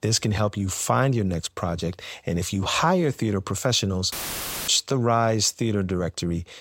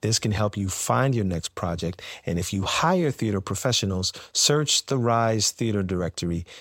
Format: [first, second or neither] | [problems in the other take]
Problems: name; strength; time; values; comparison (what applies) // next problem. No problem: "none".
second | audio cutting out; filled with static; at 4 s for 0.5 s